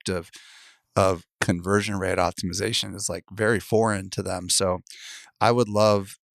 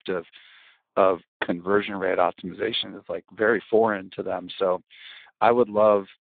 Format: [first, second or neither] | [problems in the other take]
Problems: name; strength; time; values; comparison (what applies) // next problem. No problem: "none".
first | phone-call audio; poor line; nothing above 3.5 kHz